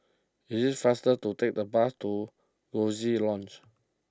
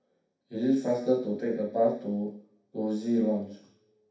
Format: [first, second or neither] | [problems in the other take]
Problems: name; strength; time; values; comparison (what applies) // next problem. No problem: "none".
first | room echo; dies away in 0.6 s